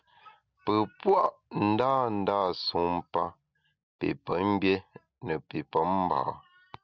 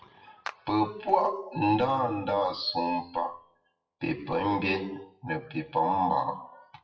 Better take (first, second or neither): first